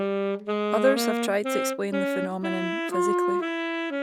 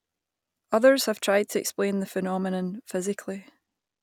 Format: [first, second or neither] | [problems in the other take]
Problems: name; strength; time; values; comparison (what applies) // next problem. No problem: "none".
second | background sound (Wind instrument, woodwind instrument); 3 dB above the speech